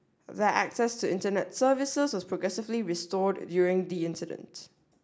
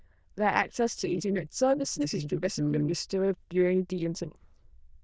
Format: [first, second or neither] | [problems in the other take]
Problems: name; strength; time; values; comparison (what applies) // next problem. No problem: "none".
first | noise reduction (neural diffusion model UNIVERSE++)